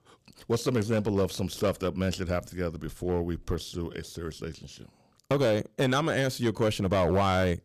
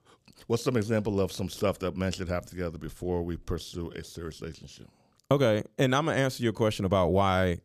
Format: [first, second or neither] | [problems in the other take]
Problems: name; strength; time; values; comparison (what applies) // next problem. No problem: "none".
second | distortion; slight; 5% of the sound clipped